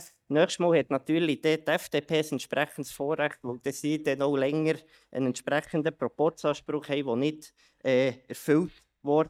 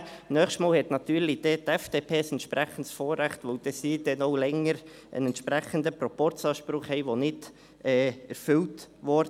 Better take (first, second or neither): second